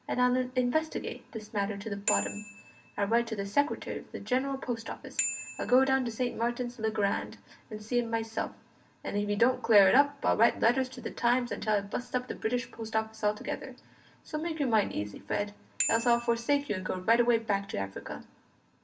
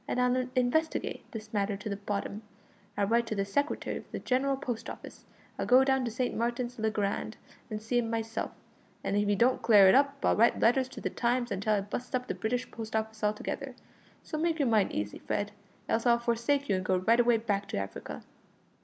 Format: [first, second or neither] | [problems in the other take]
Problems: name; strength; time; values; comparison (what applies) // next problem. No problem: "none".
second | background sound (Bicycle bell); 11 dB below the speech // room echo; dies away in 0.2 s